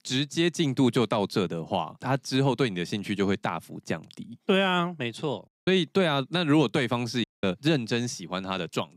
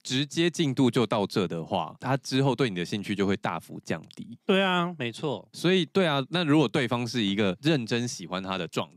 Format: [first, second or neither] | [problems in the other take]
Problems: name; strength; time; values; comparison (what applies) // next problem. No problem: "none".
second | audio cutting out; at 5.5 s and at 7 s